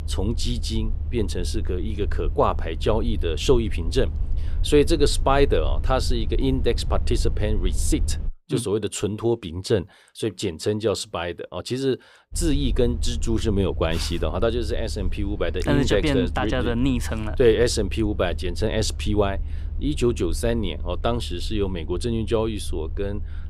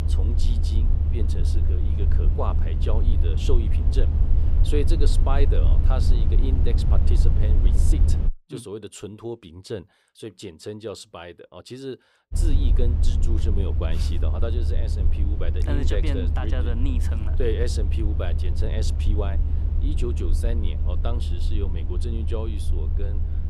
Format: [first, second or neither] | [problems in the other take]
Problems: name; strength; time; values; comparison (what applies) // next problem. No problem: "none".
first | low rumble; loud; until 8.5 s and from 12 s on; 5 dB below the speech; faint in the first